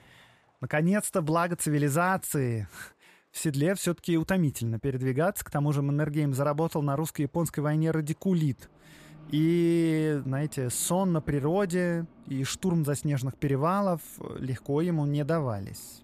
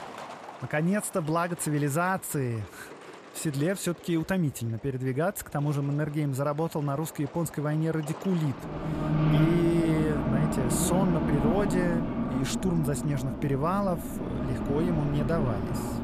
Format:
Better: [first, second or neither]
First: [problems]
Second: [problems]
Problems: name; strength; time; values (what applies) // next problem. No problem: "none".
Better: first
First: traffic noise; faint; throughout; 25 dB below the speech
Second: traffic noise; loud; throughout; 1 dB below the speech